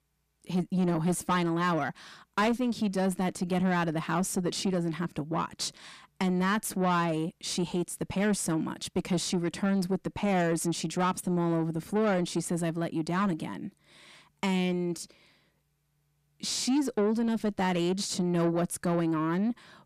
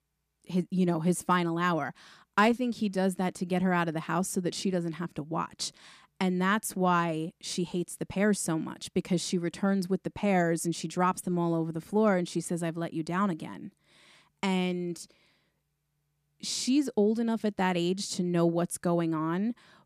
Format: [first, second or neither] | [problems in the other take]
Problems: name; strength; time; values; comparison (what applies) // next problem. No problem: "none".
second | distortion; slight; 10 dB below the speech